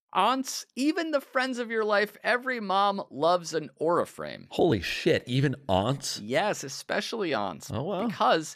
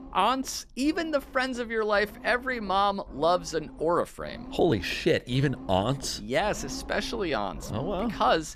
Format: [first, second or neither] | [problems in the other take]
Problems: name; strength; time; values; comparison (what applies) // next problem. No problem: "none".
first | low rumble; faint; throughout; 20 dB below the speech